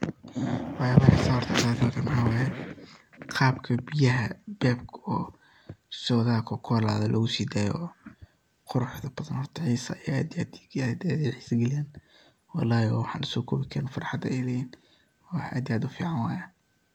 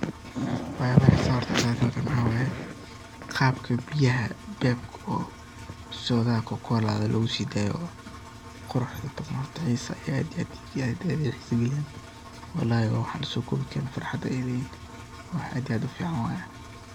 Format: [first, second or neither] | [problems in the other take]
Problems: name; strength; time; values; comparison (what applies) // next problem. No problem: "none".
first | background sound (Engine); 15 dB below the speech